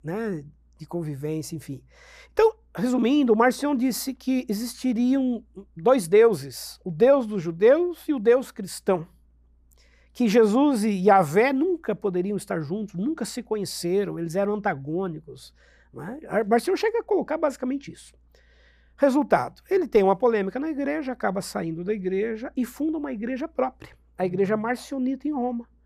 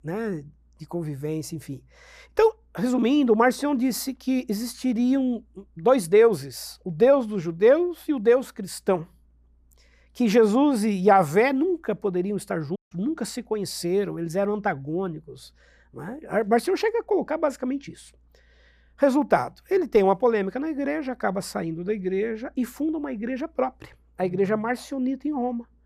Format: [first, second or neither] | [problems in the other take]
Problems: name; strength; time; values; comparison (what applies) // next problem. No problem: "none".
first | audio cutting out; at 13 s